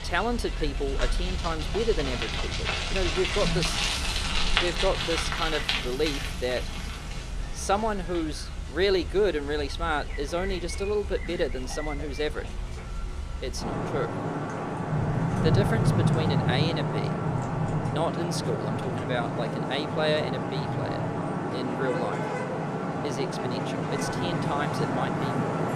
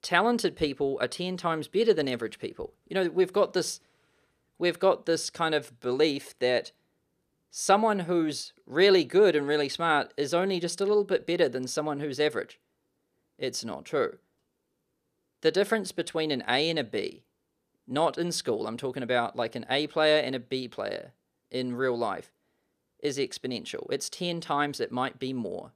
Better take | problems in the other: second | traffic noise; very loud; throughout; 1 dB above the speech

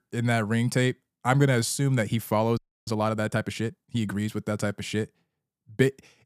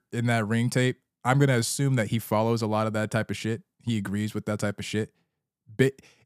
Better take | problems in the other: second | audio freezing; at 2.5 s

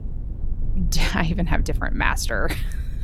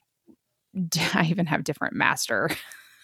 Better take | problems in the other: second | low rumble; faint; throughout; 20 dB below the speech

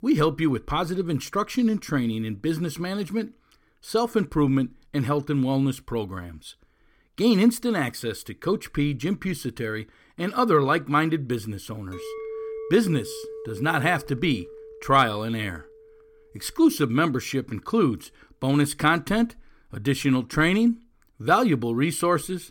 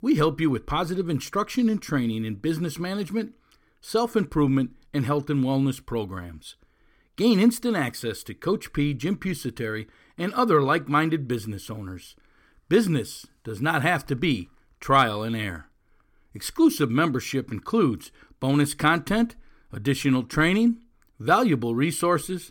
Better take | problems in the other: second | clattering dishes; noticeable; from 12 to 16 s; peak 9 dB below the speech

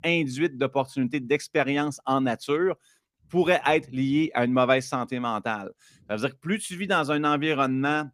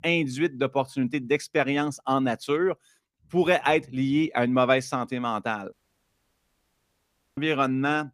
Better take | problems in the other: first | audio cutting out; at 5.5 s for 1.5 s

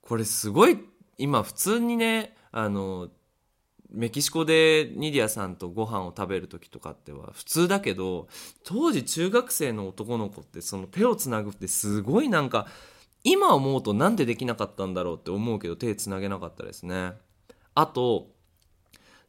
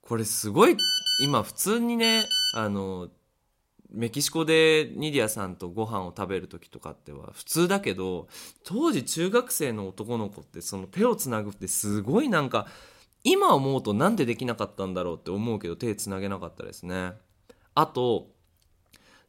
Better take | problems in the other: first | phone ringing; loud; from 1 to 2.5 s; peak 5 dB above the speech

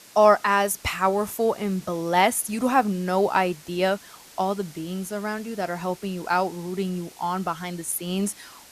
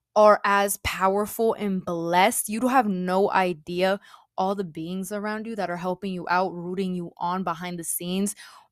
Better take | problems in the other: second | hiss; faint; throughout; 20 dB below the speech

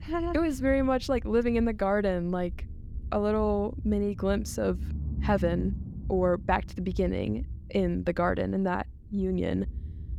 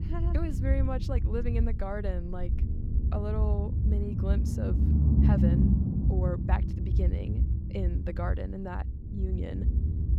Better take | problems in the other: first | low rumble; loud; throughout; 2 dB below the speech; faint in the first

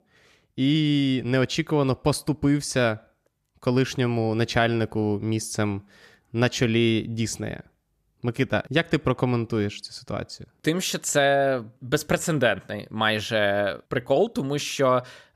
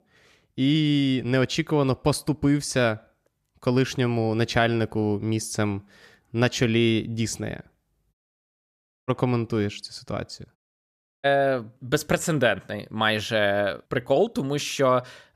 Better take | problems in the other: first | audio cutting out; at 8 s for 1 s and at 11 s for 0.5 s

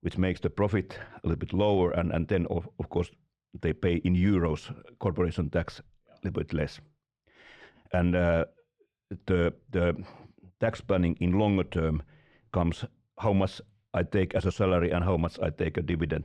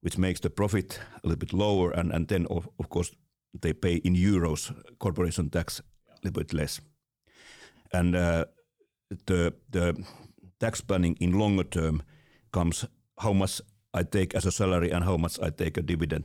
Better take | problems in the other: second | muffled; very; fading above 2.5 kHz

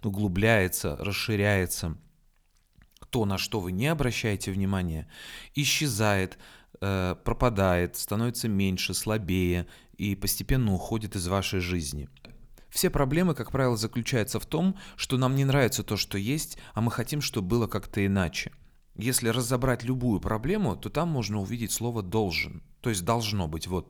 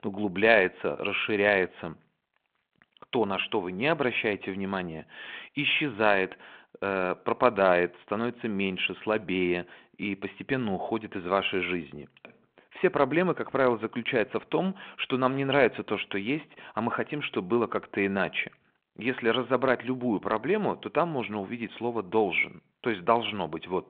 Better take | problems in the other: first | phone-call audio

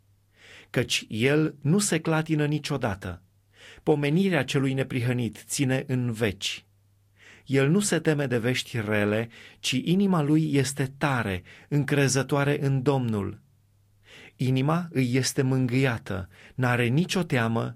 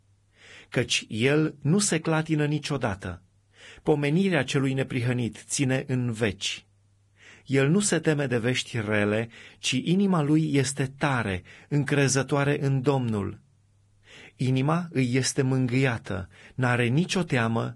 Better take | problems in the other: first | garbled, watery; badly; nothing above 10.5 kHz; slightly in the first

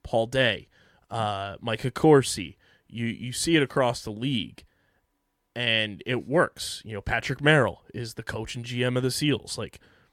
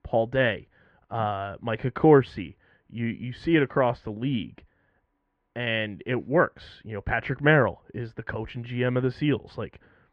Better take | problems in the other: first | muffled; very; fading above 2 kHz

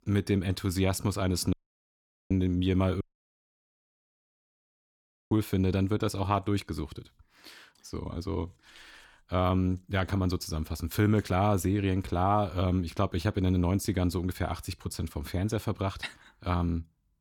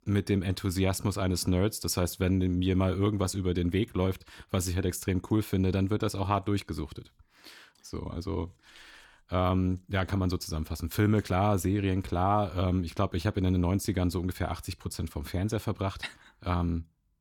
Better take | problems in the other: second | audio cutting out; at 1.5 s for 1 s and at 3 s for 2.5 s

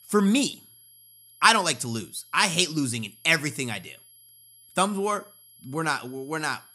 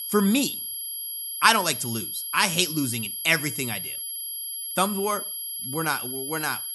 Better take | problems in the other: first | high-pitched whine; loud; throughout; 11.5 kHz, 5 dB below the speech; faint in the first

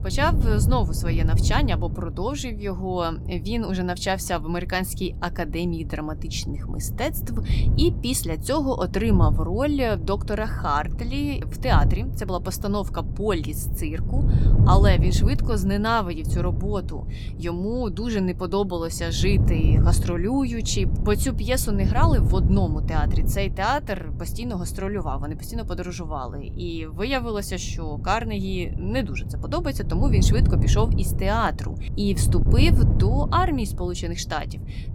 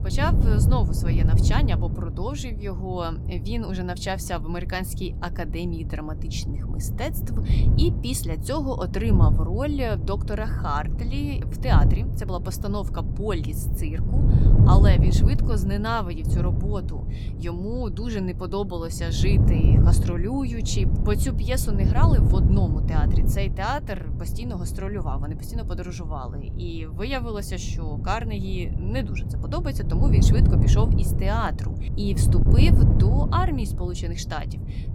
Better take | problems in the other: first | wind noise on the microphone; heavy; 5 dB below the speech; occasional gusts in the first

